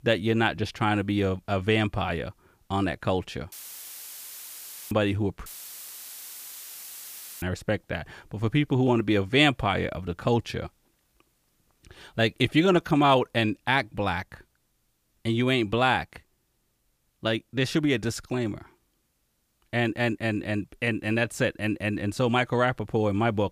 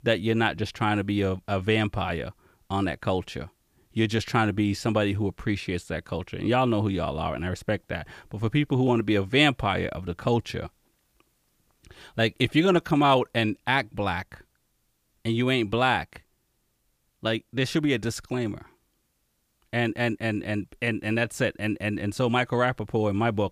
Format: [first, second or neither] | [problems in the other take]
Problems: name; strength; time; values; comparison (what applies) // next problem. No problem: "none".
second | audio cutting out; filled with static; at 3.5 s for 1.5 s and at 5.5 s for 2 s